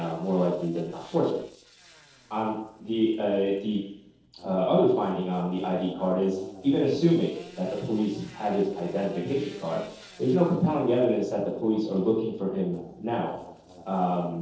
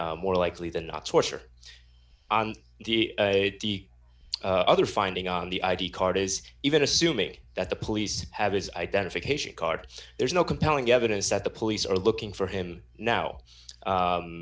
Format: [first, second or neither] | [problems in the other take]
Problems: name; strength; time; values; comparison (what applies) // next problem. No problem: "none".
second | noise reduction (neural separator model SepFormer DNS4)